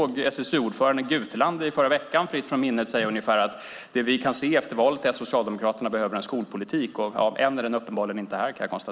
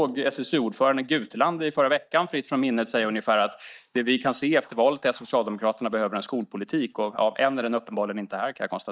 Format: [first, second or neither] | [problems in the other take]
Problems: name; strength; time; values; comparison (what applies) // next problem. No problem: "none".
first | noise reduction (neural mask model DeepFilterNet 3)